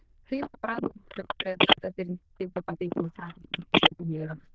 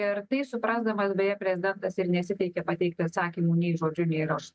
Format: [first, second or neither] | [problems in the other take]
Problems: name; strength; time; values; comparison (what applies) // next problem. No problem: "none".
second | noise reduction (neural diffusion model UNIVERSE++)